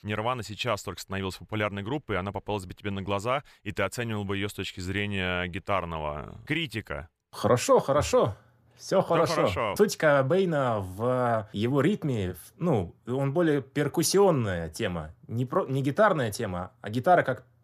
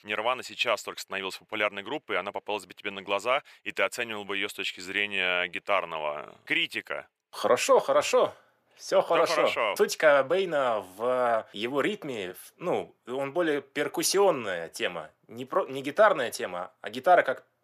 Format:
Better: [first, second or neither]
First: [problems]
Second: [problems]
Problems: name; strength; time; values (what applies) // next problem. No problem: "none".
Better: first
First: none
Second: thin; somewhat; fading below 400 Hz